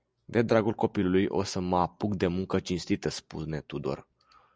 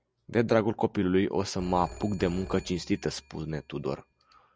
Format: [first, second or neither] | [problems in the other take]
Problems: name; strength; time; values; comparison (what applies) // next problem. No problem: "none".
first | background sound (Telephone); 18 dB below the speech